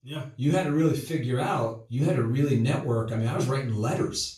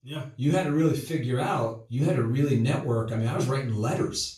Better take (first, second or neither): neither